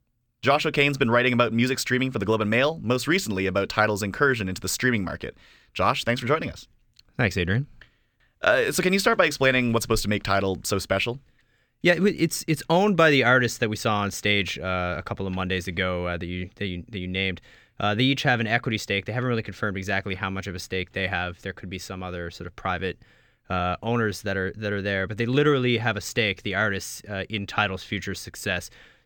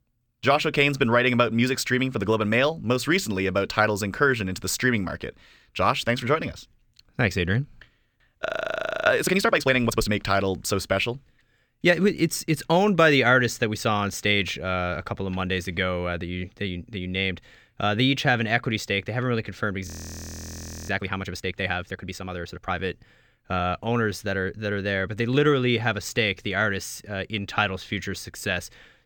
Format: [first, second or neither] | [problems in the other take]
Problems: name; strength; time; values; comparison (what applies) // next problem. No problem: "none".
first | audio freezing; at 8.5 s for 0.5 s and at 20 s for 1 s